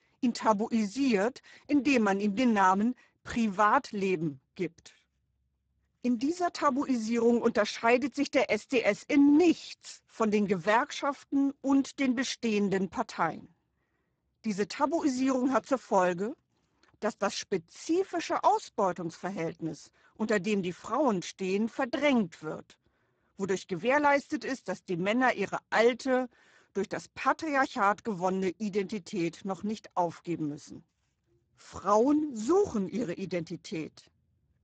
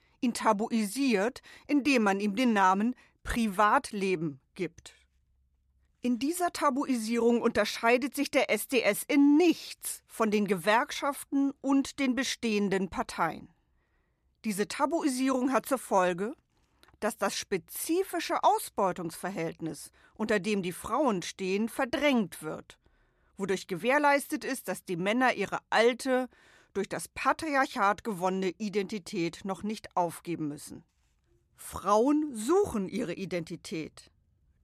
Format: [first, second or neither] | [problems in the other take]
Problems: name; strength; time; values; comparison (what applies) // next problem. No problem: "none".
second | garbled, watery; badly; nothing above 7.5 kHz